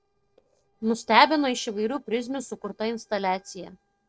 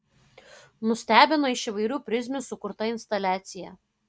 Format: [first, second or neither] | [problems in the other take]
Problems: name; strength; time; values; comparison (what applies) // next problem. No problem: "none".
second | noise reduction (neural separator model SepFormer DNS4)